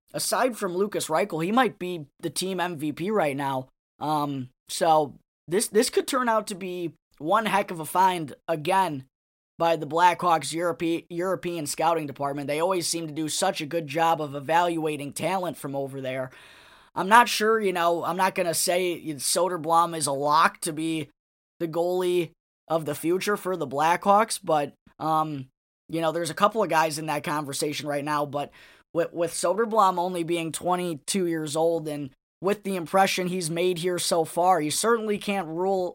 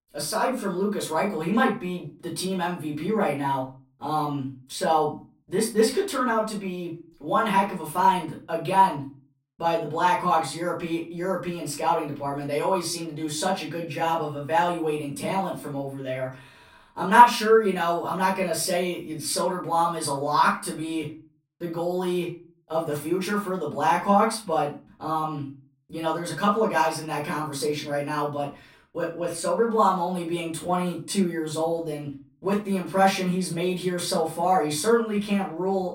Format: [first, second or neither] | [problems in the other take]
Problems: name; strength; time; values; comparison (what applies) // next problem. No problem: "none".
first | off-mic speech; far // room echo; slight; dies away in 0.3 s